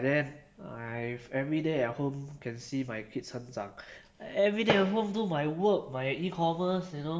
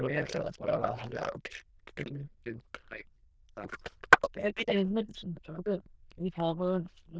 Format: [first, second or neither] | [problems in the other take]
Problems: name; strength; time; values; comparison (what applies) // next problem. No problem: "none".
first | noise reduction (neural diffusion model UNIVERSE++)